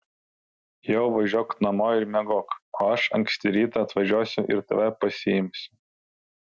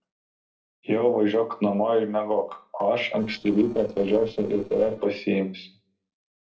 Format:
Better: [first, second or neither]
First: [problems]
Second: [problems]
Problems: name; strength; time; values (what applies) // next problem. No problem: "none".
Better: first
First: none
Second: noise reduction (neural separator model SepFormer DNS4)